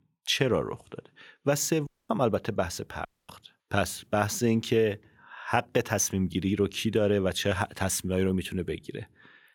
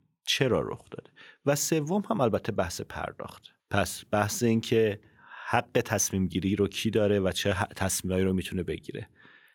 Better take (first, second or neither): second